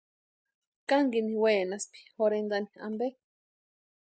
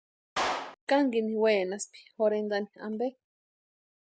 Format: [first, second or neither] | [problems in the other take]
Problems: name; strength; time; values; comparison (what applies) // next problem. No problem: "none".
first | background sound (Clapping); 7 dB below the speech